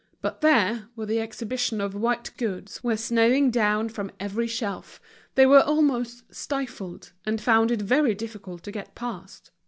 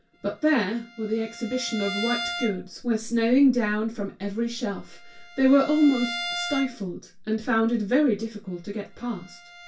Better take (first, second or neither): first